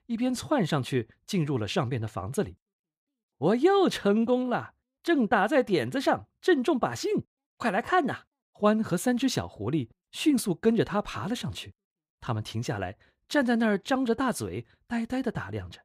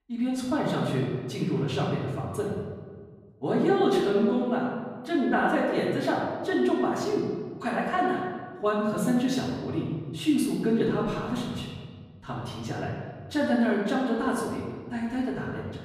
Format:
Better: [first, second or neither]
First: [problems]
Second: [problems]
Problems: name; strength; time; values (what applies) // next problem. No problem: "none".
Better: first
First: none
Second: room echo; noticeable; dies away in 1.5 s // off-mic speech; far